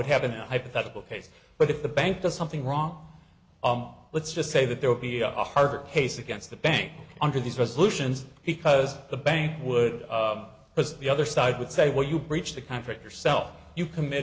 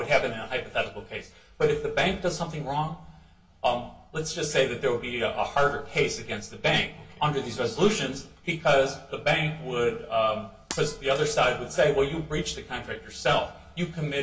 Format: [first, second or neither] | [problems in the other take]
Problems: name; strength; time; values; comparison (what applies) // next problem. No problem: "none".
first | background sound (Shatter); 16 dB below the speech // room echo; dies away in 0.2 s